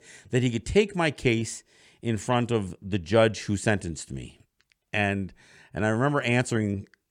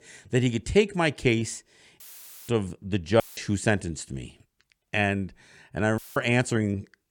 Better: first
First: none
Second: audio cutting out; filled with static; at 2 s, at 3 s and at 6 s

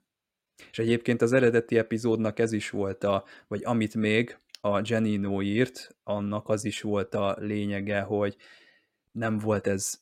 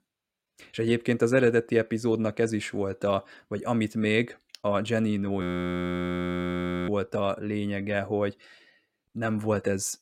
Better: first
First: none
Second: audio freezing; at 5.5 s for 1.5 s

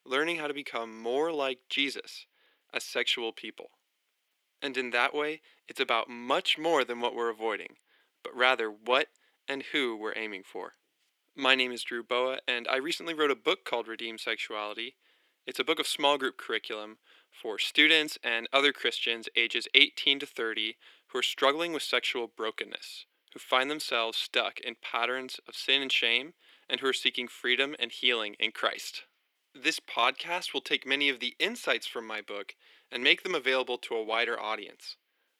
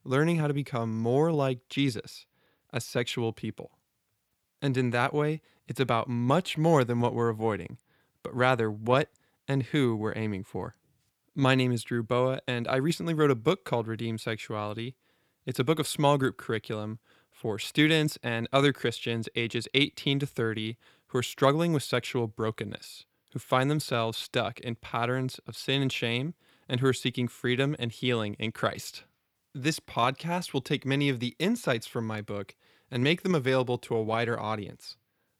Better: second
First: thin; somewhat; fading below 300 Hz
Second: none

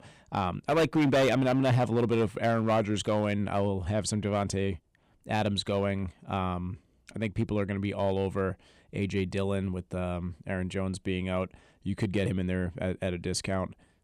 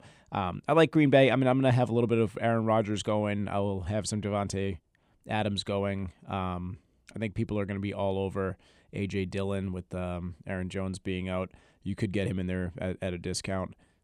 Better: second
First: distortion; slight; 4% of the sound clipped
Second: none

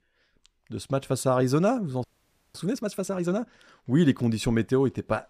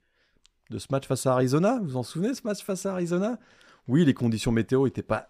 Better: second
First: audio freezing; at 2 s for 0.5 s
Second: none

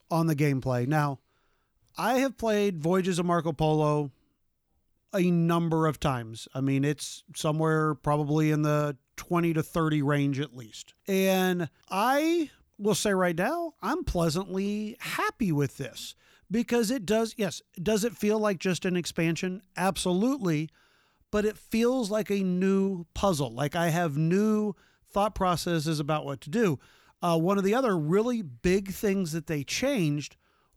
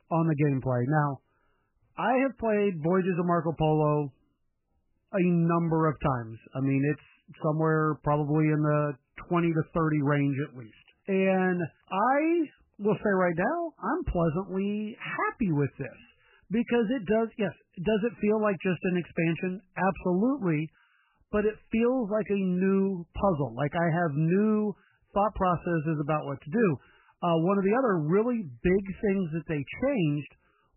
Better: first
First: none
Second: garbled, watery; badly; nothing above 3 kHz

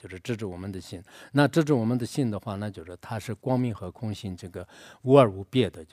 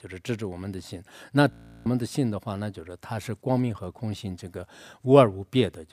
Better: first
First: none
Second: audio freezing; at 1.5 s

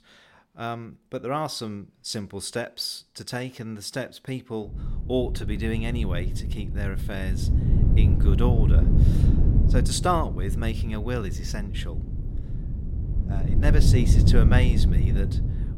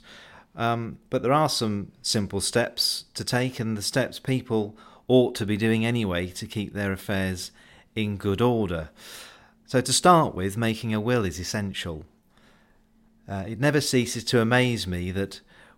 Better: second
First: wind noise on the microphone; heavy; from 4.5 s on; 6 dB below the speech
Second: none

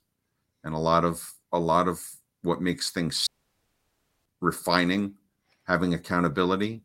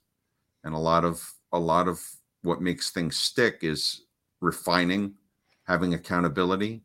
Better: second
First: audio cutting out; at 3.5 s for 1 s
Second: none

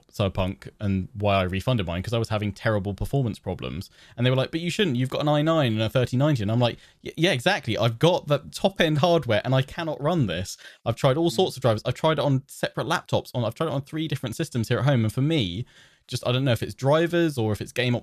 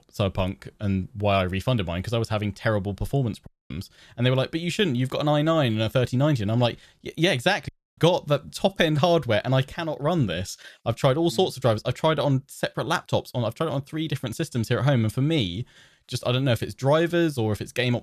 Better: first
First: none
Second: audio cutting out; at 3.5 s and at 7.5 s

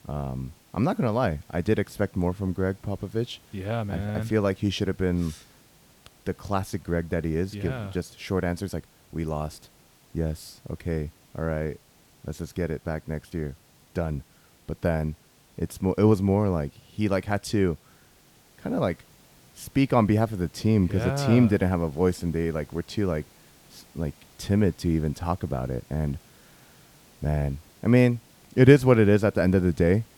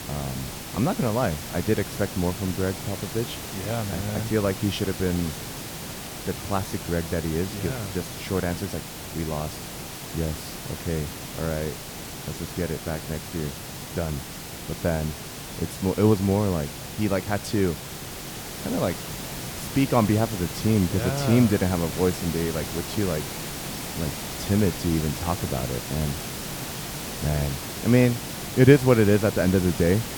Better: first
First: hiss; faint; throughout; 30 dB below the speech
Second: hiss; loud; throughout; 8 dB below the speech

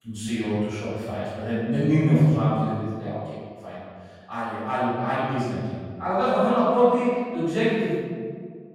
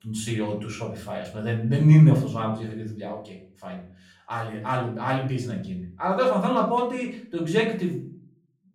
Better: second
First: room echo; strong; dies away in 1.7 s // off-mic speech; far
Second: room echo; slight; dies away in 0.4 s // off-mic speech; far

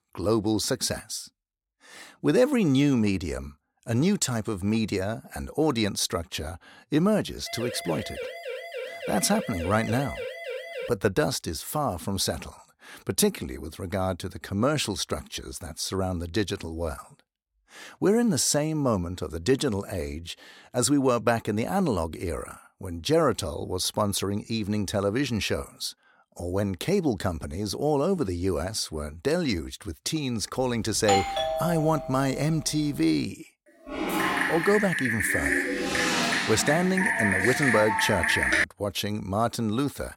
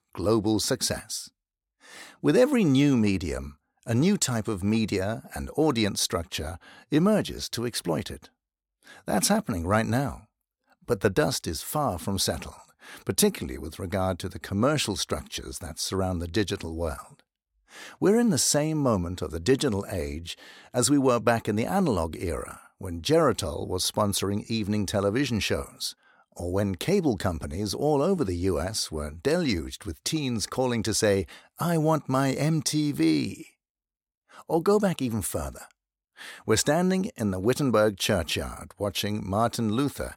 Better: second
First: siren; noticeable; from 7.5 to 11 s; peak 8 dB below the speech // doorbell; loud; from 31 to 32 s; peak 2 dB above the speech // keyboard typing; loud; from 34 to 39 s; peak 5 dB above the speech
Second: none

